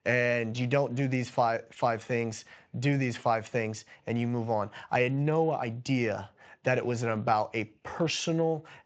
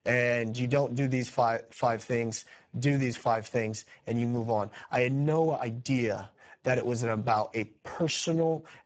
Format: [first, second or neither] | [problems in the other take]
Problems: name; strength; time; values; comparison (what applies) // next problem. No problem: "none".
first | garbled, watery; badly; nothing above 7.5 kHz; slightly in the first